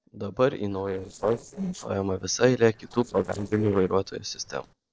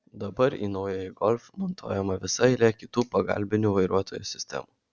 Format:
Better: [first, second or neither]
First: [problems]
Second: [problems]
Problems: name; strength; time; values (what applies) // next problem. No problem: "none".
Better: second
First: noise reduction (neural separator model SepFormer DNS4)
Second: none